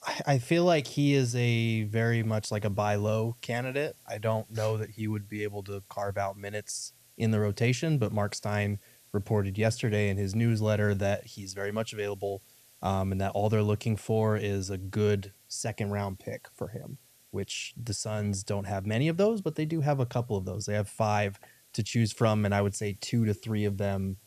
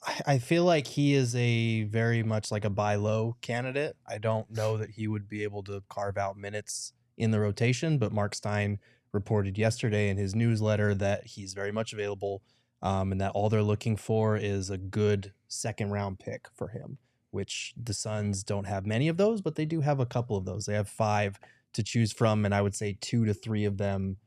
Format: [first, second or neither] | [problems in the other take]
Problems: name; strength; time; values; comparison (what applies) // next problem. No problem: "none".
second | hiss; faint; throughout; 25 dB below the speech